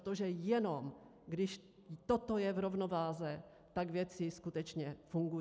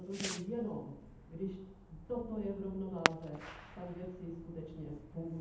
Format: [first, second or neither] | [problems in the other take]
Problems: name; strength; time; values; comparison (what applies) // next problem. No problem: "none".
first | background sound (Fireworks); 2 dB below the speech // room echo; dies away in 0.8 s